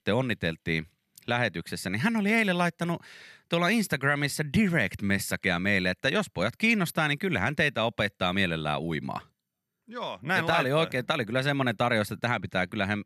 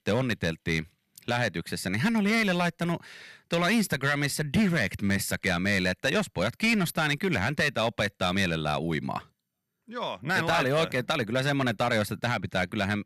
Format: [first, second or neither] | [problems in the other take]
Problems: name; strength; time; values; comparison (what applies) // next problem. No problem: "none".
first | distortion; slight; 5% of the sound clipped